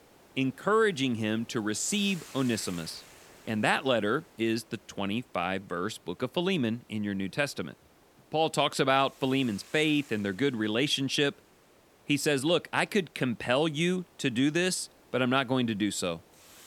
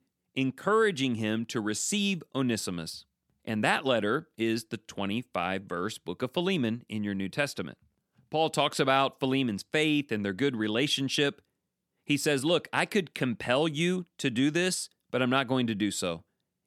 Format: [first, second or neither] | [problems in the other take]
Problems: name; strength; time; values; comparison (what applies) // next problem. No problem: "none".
second | hiss; faint; throughout; 25 dB below the speech